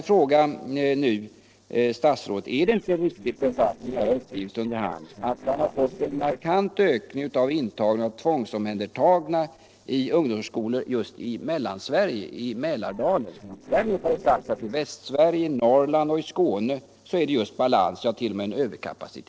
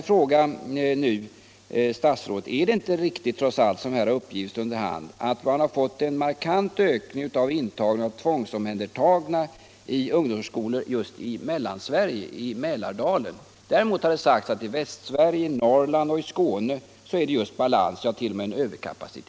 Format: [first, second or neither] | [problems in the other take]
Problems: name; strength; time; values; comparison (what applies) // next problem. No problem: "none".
second | noise reduction (neural separator model SepFormer DNS4)